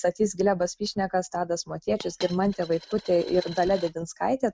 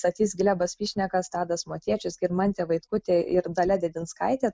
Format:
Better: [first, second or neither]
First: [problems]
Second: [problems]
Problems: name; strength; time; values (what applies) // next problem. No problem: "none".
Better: second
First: background sound (Coin (dropping)); 17 dB below the speech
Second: none